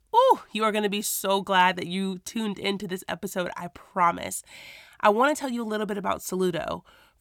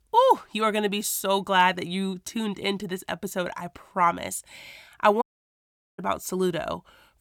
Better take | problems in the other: first | audio cutting out; at 5 s for 1 s

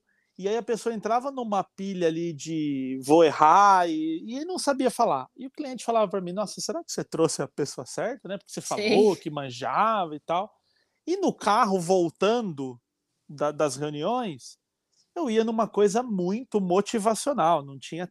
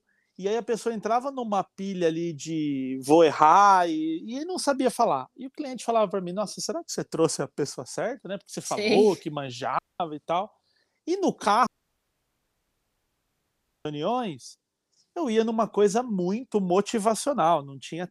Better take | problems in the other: first | audio cutting out; at 10 s and at 12 s for 2 s

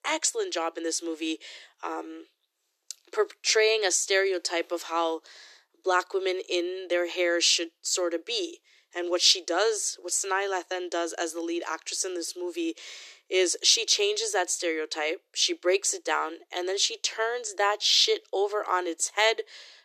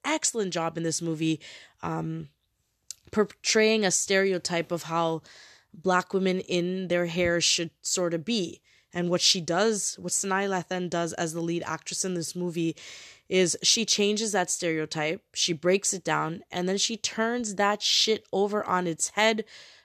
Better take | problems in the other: second | thin; very; fading below 350 Hz

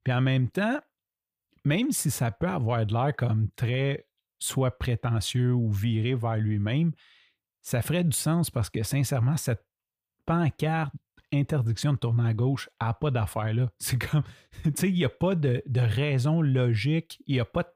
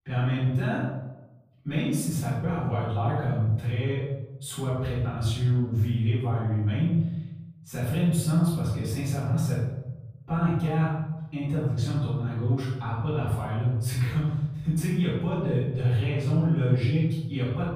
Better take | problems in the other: first | off-mic speech; far // room echo; strong; dies away in 1.1 s

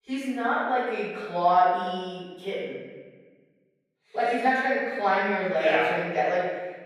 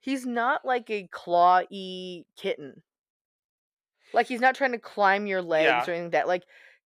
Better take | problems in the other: second | off-mic speech; far // room echo; strong; dies away in 1.3 s

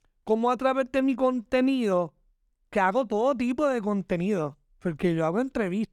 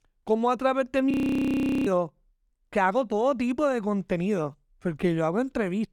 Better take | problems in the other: first | audio freezing; at 1 s for 1 s

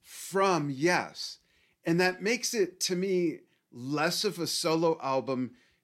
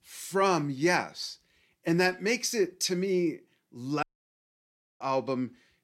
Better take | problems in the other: first | audio cutting out; at 4 s for 1 s

